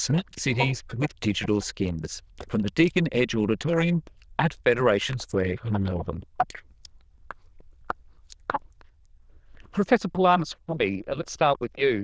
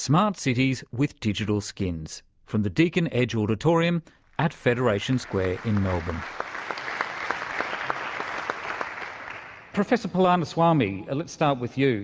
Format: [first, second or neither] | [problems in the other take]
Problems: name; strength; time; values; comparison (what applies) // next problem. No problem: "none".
second | noise reduction (neural diffusion model UNIVERSE++)